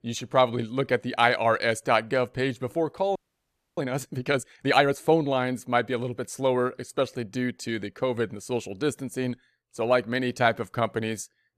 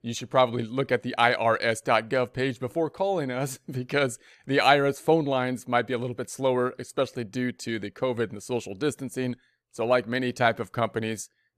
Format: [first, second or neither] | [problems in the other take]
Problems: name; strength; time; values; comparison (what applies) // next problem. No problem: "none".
second | audio freezing; at 3 s for 0.5 s